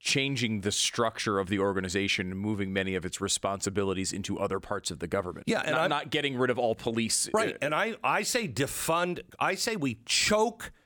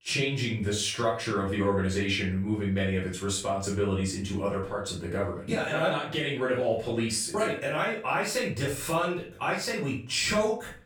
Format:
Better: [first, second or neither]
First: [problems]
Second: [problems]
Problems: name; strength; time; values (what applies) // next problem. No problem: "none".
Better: first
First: none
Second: off-mic speech; far // room echo; noticeable; dies away in 0.3 s